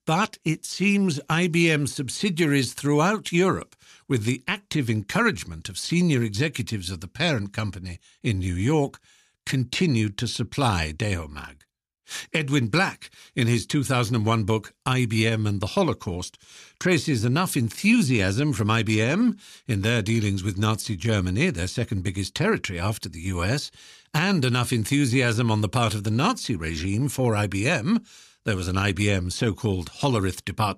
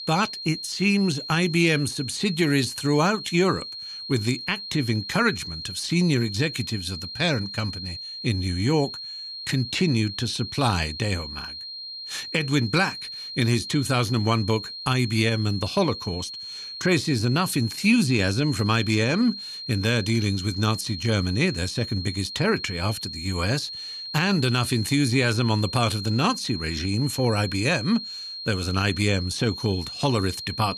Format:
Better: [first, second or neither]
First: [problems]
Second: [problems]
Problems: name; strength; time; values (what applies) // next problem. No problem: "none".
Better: first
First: none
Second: high-pitched whine; loud; throughout; 4 kHz, 9 dB below the speech